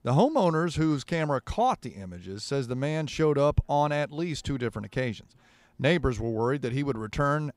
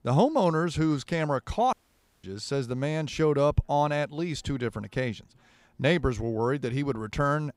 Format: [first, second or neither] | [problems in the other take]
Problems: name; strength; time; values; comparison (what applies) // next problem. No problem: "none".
first | audio cutting out; at 1.5 s for 0.5 s